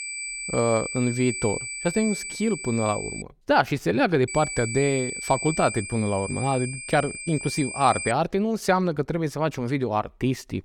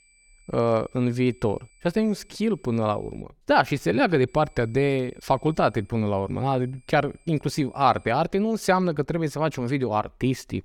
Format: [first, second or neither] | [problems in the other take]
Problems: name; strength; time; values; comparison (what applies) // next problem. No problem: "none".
second | high-pitched whine; loud; until 3 s and from 4.5 to 8 s; 2.5 kHz, 7 dB below the speech; faint in the second